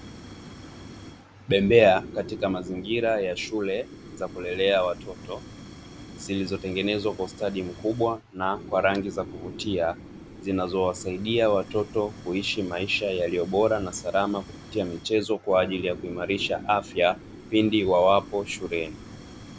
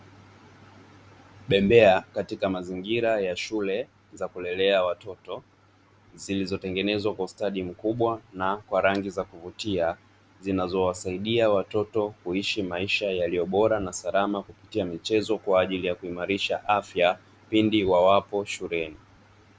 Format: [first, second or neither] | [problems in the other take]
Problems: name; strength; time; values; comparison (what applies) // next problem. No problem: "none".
second | background sound (Fire); 16 dB below the speech